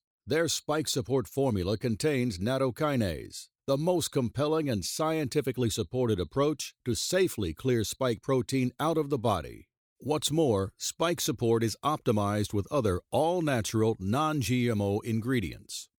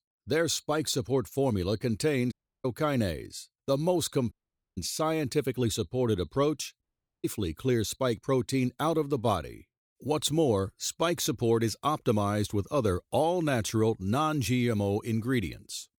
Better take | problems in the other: first | audio cutting out; at 2.5 s, at 4.5 s and at 7 s

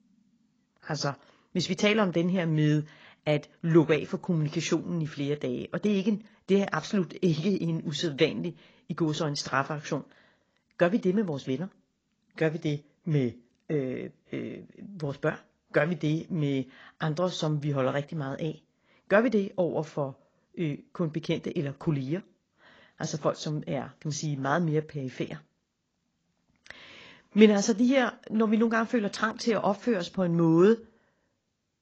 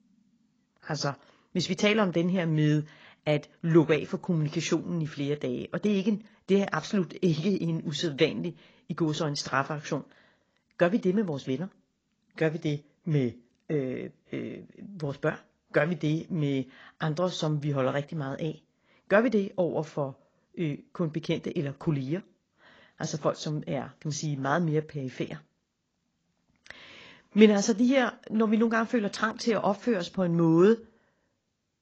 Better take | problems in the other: neither | garbled, watery; badly; the same in both

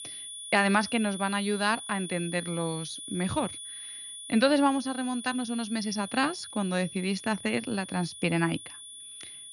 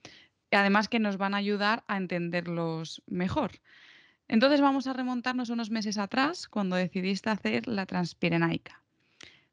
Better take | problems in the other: second | high-pitched whine; noticeable; throughout; 3.5 kHz, 10 dB below the speech

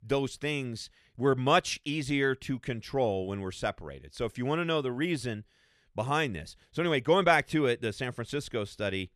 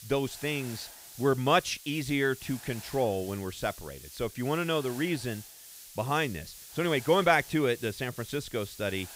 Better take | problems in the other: first | hiss; noticeable; throughout; 15 dB below the speech

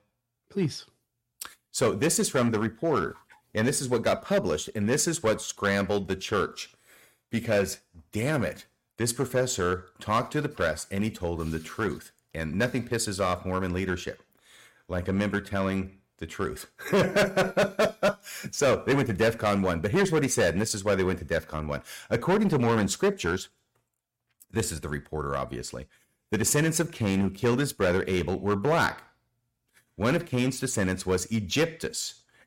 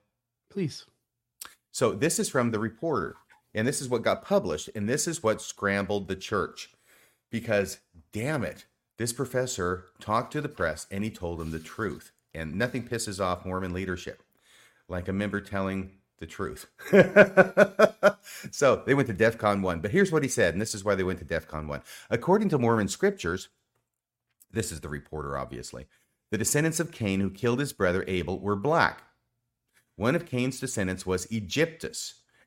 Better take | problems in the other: second | distortion; heavy; 5% of the sound clipped

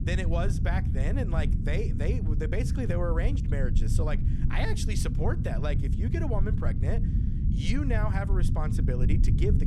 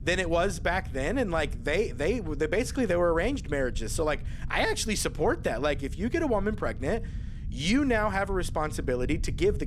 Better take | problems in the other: second | low rumble; loud; throughout; 5 dB below the speech; faint in the second

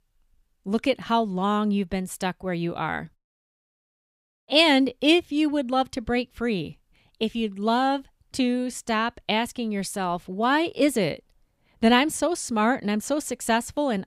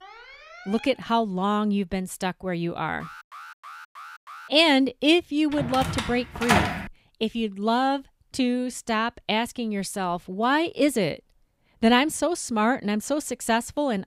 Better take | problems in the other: first | alarm; faint; until 1 s and from 3 to 4.5 s; peak 15 dB below the speech // door banging; loud; from 5.5 to 7 s; peak 2 dB above the speech

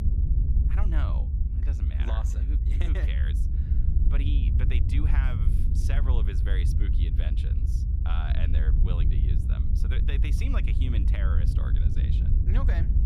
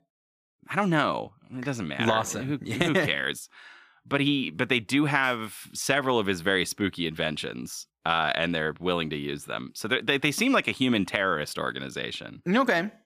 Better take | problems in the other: second | low rumble; loud; throughout; 2 dB below the speech

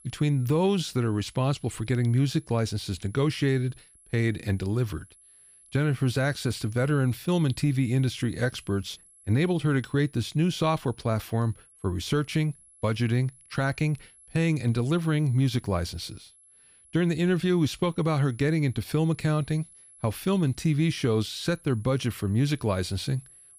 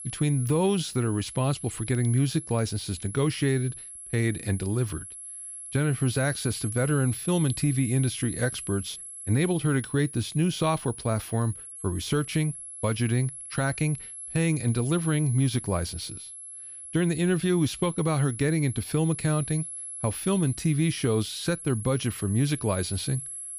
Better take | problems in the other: first | high-pitched whine; loud; throughout; 11 kHz, 10 dB below the speech; faint in the first

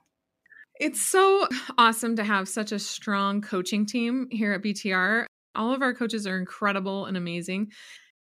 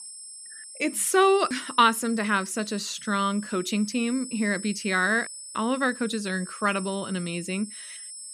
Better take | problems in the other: first | high-pitched whine; noticeable; throughout; 8 kHz, 15 dB below the speech

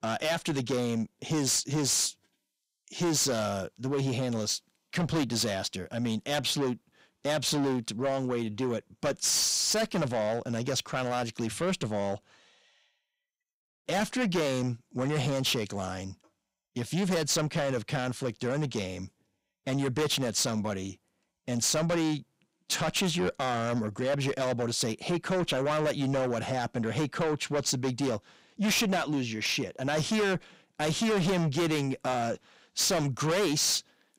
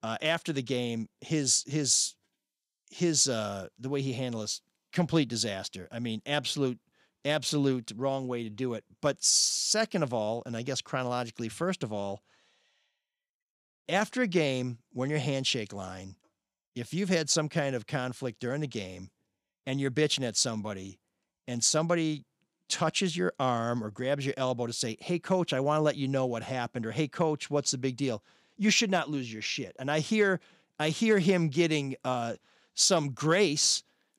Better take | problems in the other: second | distortion; heavy; 6 dB below the speech

